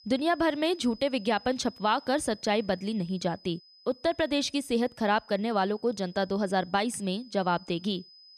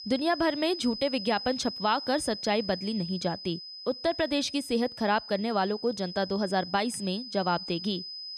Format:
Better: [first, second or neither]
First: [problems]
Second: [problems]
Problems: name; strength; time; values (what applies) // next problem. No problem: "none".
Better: first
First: high-pitched whine; faint; throughout; 5 kHz, 25 dB below the speech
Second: high-pitched whine; loud; throughout; 5 kHz, 9 dB below the speech